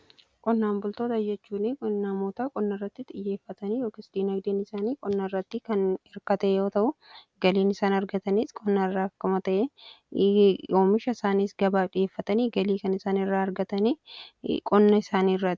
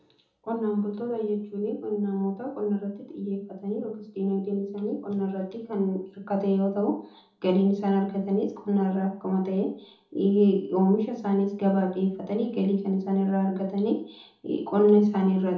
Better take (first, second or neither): first